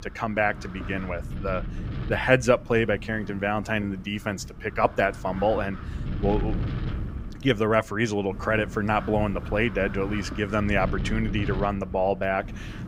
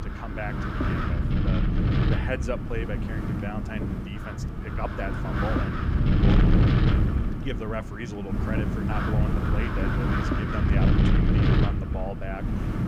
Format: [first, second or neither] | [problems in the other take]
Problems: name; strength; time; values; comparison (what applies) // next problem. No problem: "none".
first | wind noise on the microphone; heavy; 4 dB above the speech; occasional gusts in the first